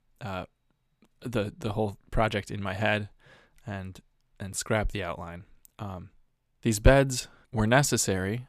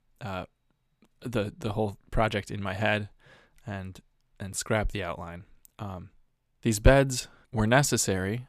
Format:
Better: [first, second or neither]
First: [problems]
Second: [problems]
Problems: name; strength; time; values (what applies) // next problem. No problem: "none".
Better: neither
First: none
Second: none